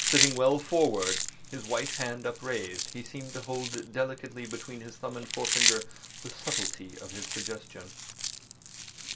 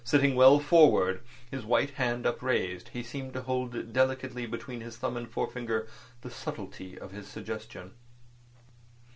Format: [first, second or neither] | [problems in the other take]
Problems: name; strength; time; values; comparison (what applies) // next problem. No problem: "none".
second | background sound (Chewing, mastication); as loud as the speech